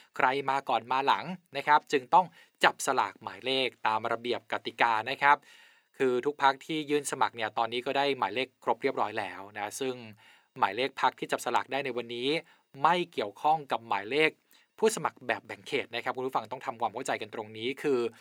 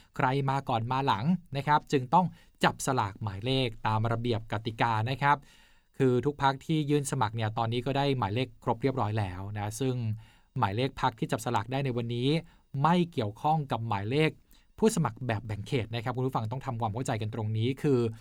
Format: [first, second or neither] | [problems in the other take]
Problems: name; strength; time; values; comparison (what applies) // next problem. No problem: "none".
second | thin; somewhat; fading below 450 Hz